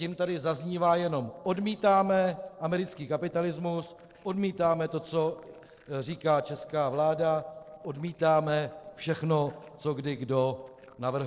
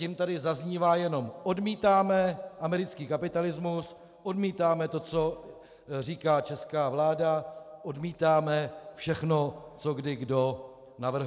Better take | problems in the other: second | noise reduction (neural separator model SepFormer DNS4)

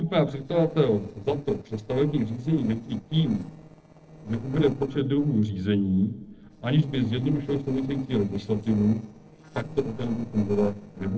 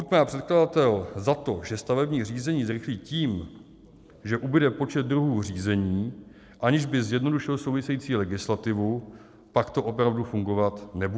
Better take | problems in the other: second | noise reduction (neural separator model SepFormer DNS4)

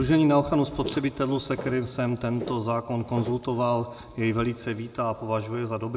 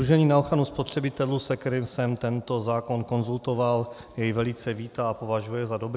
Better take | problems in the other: second | background sound (Walk, footsteps); 14 dB below the speech // room echo; dies away in 1 s

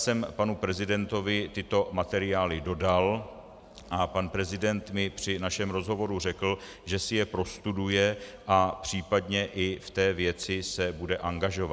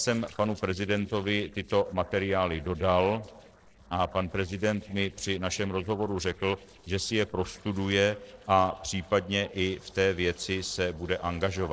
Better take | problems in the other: first | noise reduction (neural separator model SepFormer DNS4)

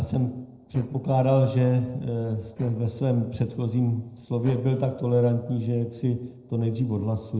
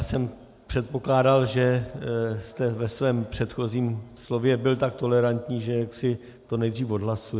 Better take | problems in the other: second | noise reduction (neural separator model SepFormer DNS4)

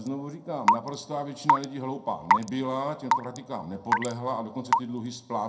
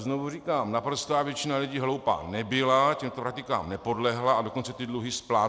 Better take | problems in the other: second | background sound (Raindrop / Drip / Water tap, faucet); 3 dB above the speech // room echo; dies away in 0.2 s

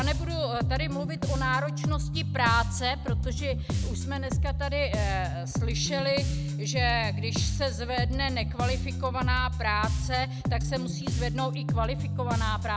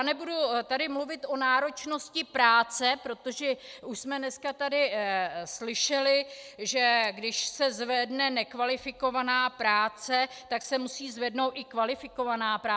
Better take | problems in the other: second | background sound (Bass guitar); 2 dB above the speech

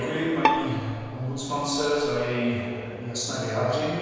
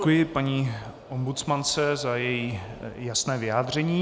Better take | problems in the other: second | background sound (Bowed string instrument); 3 dB below the speech // room echo; dies away in 1.9 s

